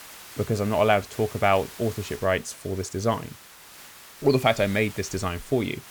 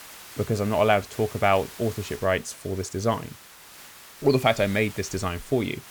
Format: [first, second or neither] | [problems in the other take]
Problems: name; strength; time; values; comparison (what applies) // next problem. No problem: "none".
neither | hiss; noticeable; throughout; 15 dB below the speech; the same in both